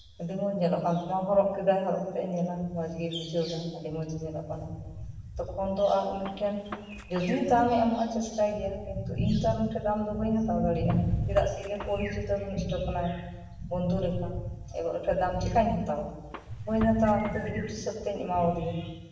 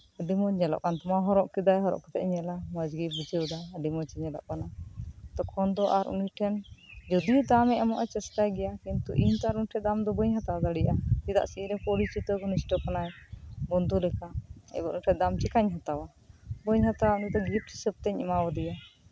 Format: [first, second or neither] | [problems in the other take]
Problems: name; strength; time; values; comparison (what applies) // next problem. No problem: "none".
second | background sound (Gunshot, gunfire); 18 dB below the speech // room echo; dies away in 1.1 s